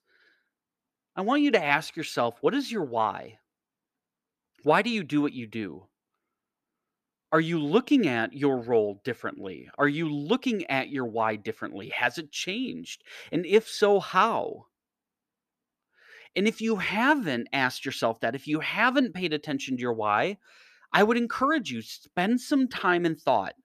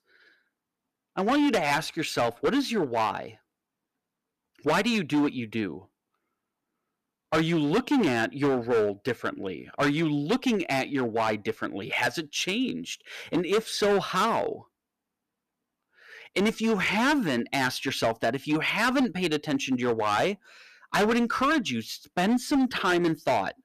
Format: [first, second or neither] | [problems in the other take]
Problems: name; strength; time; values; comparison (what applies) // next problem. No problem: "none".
first | distortion; heavy; 9% of the sound clipped